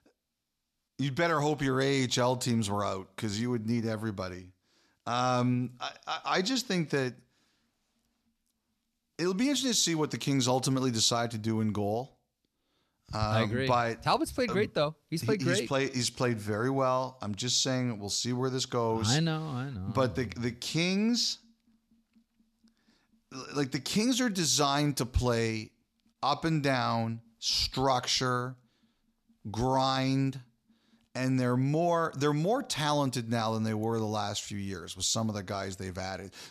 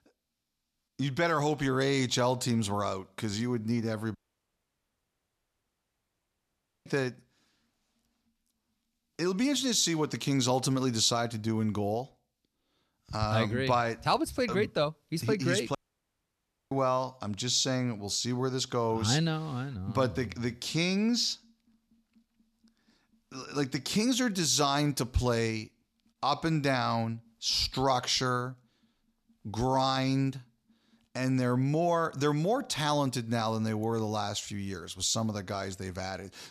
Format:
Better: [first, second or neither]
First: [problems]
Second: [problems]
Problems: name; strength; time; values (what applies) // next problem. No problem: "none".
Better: first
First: none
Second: audio cutting out; at 4 s for 2.5 s and at 16 s for 1 s